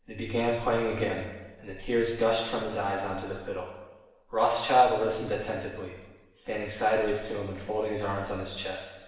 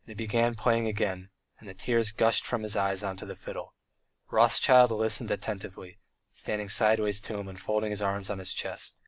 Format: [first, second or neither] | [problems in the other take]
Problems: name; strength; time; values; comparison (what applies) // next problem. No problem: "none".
second | room echo; dies away in 1.1 s